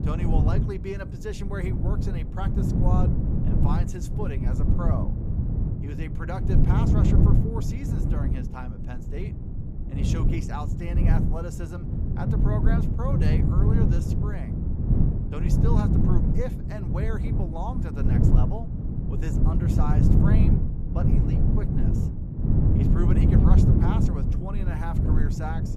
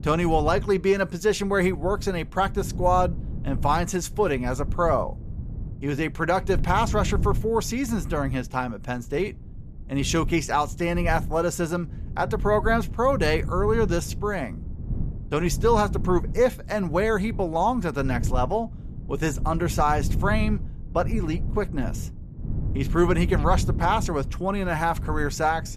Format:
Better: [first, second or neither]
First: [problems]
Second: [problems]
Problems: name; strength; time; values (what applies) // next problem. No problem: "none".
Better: second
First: wind noise on the microphone; heavy; 2 dB above the speech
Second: wind noise on the microphone; occasional gusts; 20 dB below the speech